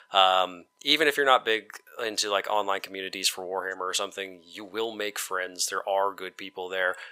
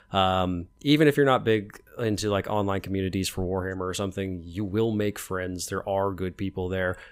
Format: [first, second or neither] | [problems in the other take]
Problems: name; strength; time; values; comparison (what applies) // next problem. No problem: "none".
second | thin; very; fading below 750 Hz